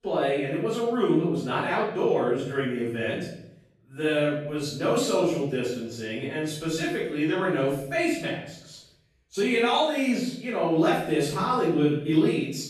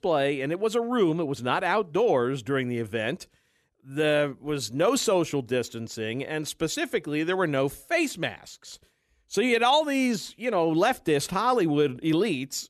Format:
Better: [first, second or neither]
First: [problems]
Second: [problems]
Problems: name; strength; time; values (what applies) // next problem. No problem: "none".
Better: second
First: off-mic speech; far // room echo; noticeable; dies away in 0.7 s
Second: none